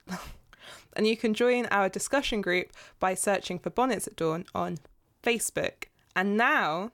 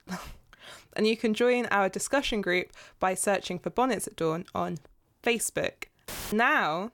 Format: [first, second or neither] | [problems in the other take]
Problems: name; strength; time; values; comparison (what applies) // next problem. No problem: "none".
first | audio cutting out; filled with static; at 6 s